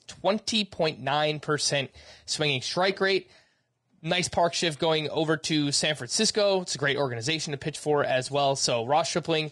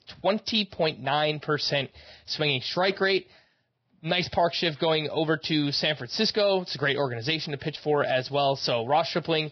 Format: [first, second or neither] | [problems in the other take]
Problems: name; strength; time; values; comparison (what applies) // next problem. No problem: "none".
first | garbled, watery; badly; nothing above 5.5 kHz; slightly in the first